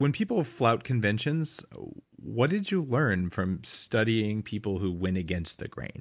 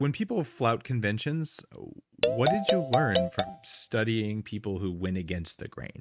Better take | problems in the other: first | noise reduction (neural mask model RNNoise)

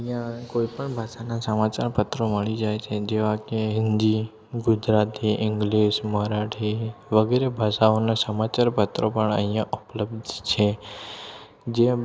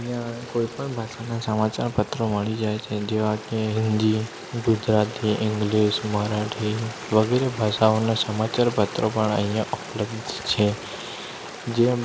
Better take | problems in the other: first | background sound (Stream); 13 dB below the speech

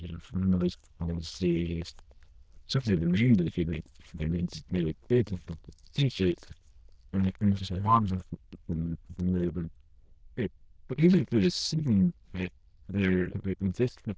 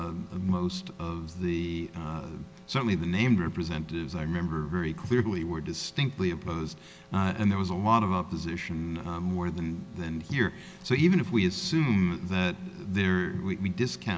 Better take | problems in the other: second | noise reduction (neural diffusion model UNIVERSE++)

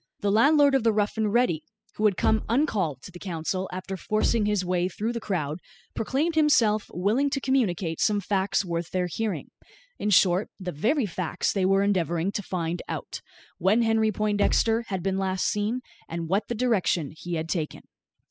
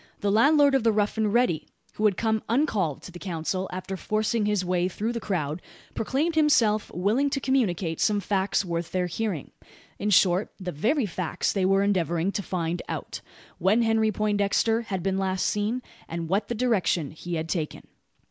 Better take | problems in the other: second | noise reduction (classical method spectral subtraction)

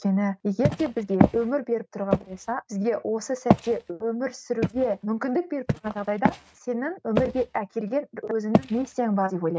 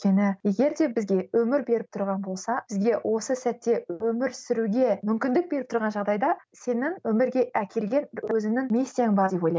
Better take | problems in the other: second | noise reduction (neural mask model RNNoise)

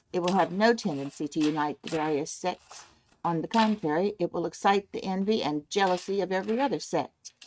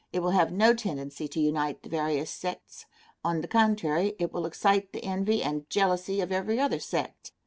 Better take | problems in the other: second | noise reduction (neural mask model RNNoise)

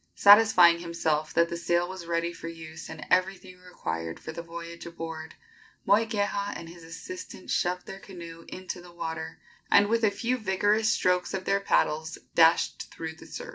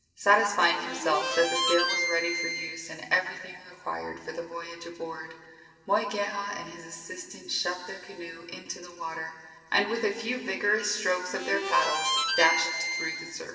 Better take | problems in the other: first | background sound (Harmonica); 1 dB below the speech // room echo; dies away in 2.5 s

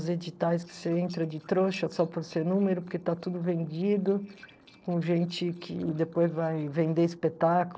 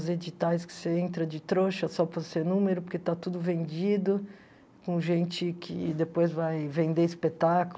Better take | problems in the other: second | noise reduction (neural separator model SepFormer DNS4)

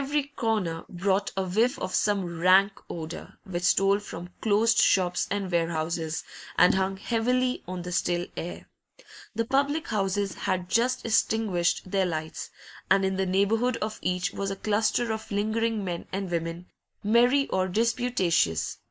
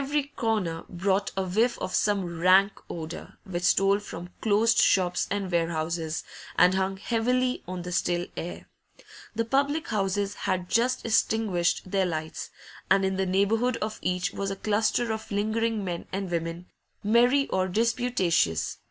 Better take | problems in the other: second | noise reduction (neural mask model Resemble Enhance denoiser)

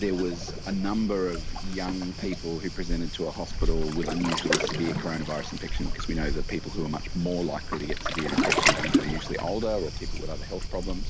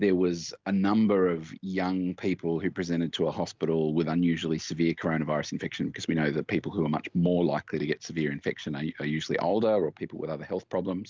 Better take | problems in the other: second | background sound (Waves, surf); 2 dB above the speech

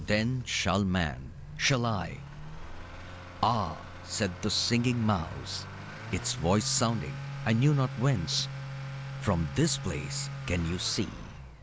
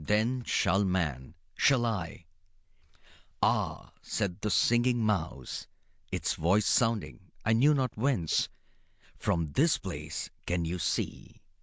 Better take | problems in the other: second | background sound (Accelerating, revving, vroom / Motor vehicle (road)); 10 dB below the speech

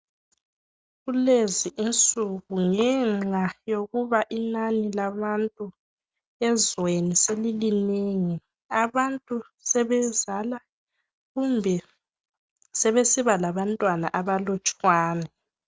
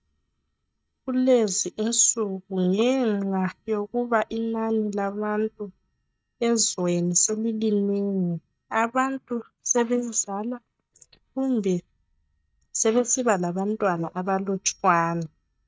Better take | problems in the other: first | noise reduction (neural mask model DeepFilterNet 3)

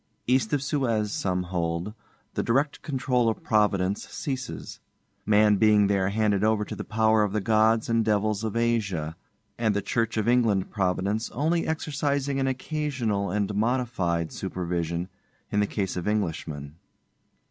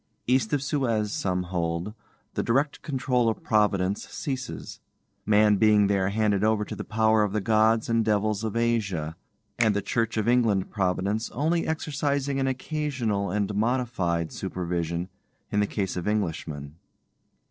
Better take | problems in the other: first | noise reduction (neural separator model SepFormer DNS4)

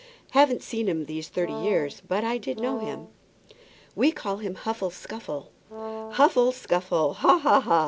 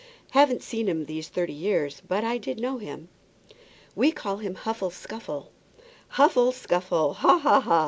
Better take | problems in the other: second | background sound (Brass instrument); 11 dB below the speech

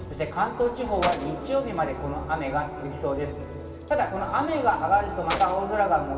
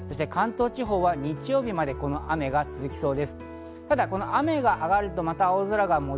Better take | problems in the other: second | background sound (Keys jangling); 14 dB below the speech // room echo; dies away in 2.4 s

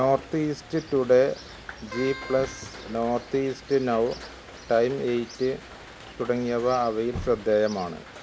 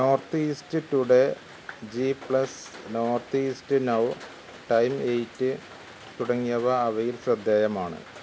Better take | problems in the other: second | background sound (Keyboard (musical) + Chirp, tweet); 18 dB below the speech

